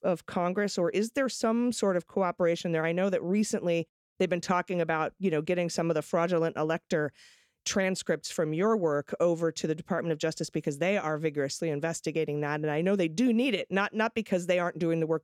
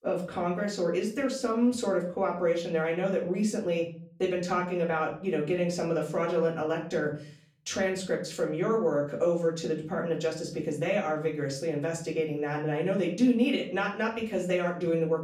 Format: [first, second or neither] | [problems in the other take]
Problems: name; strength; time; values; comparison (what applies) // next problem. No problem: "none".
first | off-mic speech; far // room echo; slight; dies away in 0.4 s